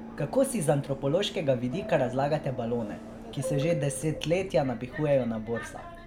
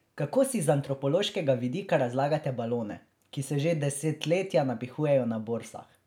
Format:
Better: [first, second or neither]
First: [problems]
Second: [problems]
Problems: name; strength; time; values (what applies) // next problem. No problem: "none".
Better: second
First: background sound (Subway, metro, underground); 11 dB below the speech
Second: none